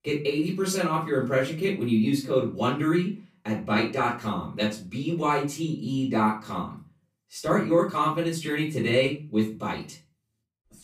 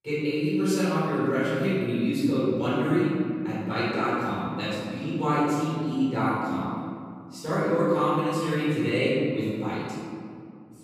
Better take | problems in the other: first | room echo; strong; dies away in 2.3 s; slight in the first // off-mic speech; far; far in the first

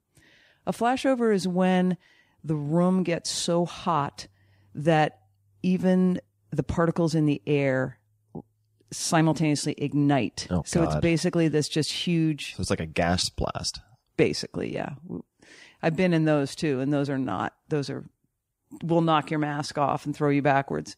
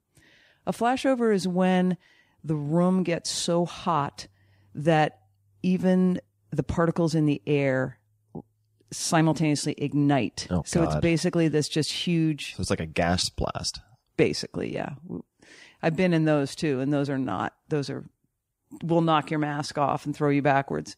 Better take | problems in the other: neither | none

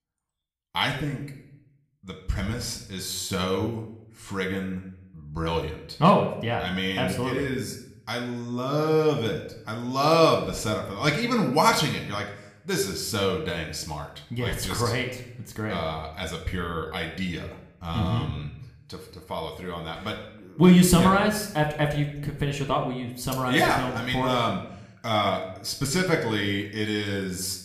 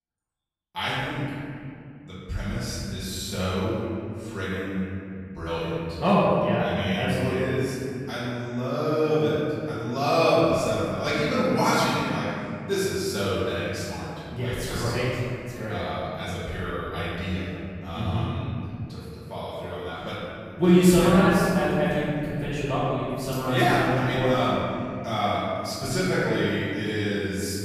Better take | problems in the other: first | room echo; strong; dies away in 2.4 s; slight in the first // off-mic speech; far

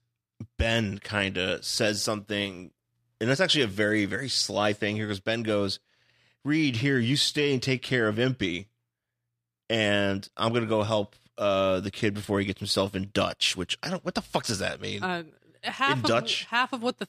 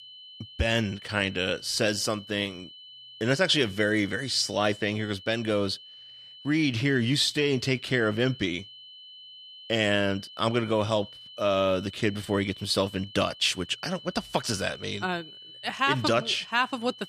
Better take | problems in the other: first | high-pitched whine; noticeable; throughout; 3 kHz, 15 dB below the speech

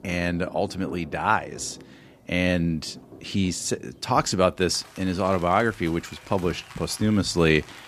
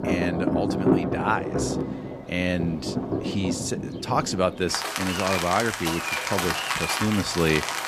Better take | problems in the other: first | rain or running water; loud; throughout; 1 dB below the speech; faint in the first

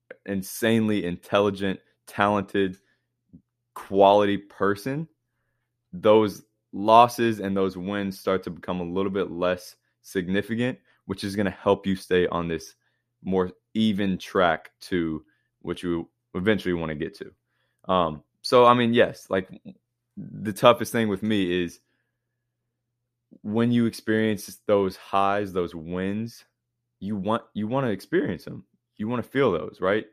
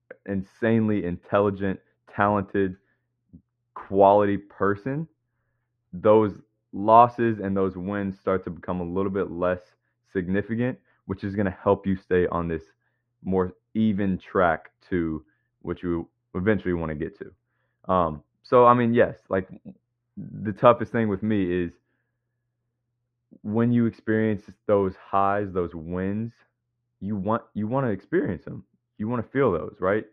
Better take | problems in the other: first | muffled; very; fading above 1.5 kHz

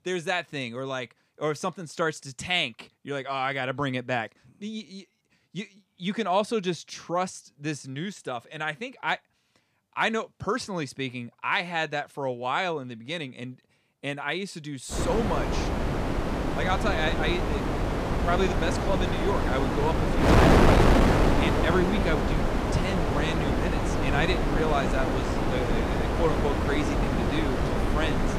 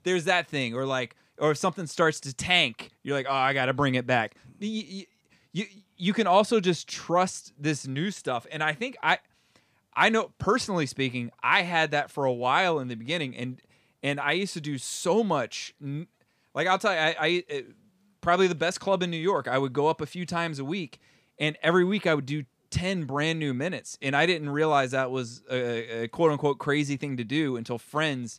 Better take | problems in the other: second | wind noise on the microphone; heavy; from 15 s on; 2 dB above the speech

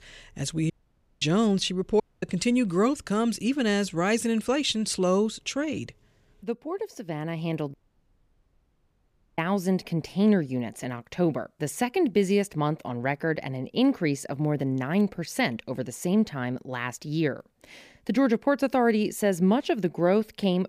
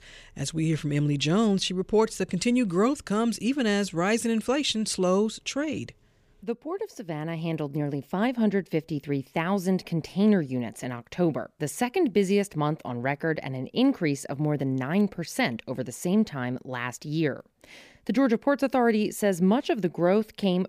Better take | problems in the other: second | audio cutting out; at 0.5 s for 0.5 s, at 2 s and at 7.5 s for 1.5 s

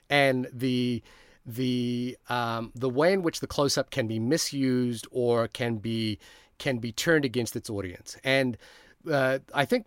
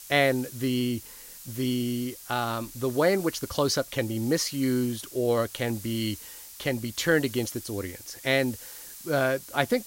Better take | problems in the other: first | hiss; noticeable; throughout; 15 dB below the speech

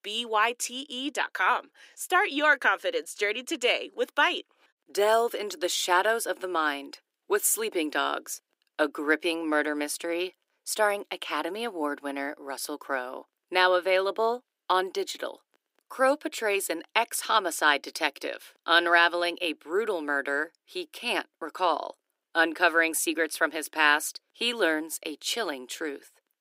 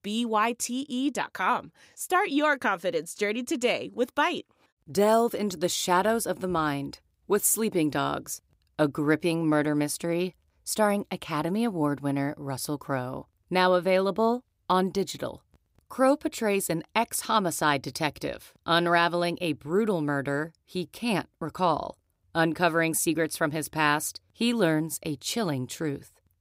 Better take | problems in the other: second | thin; somewhat; fading below 300 Hz

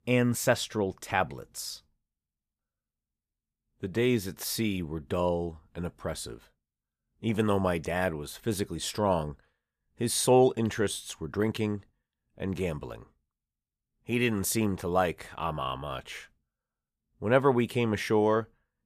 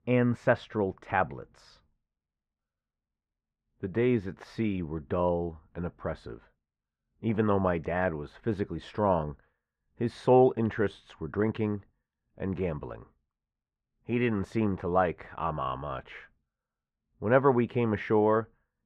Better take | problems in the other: first | muffled; very; fading above 1.5 kHz

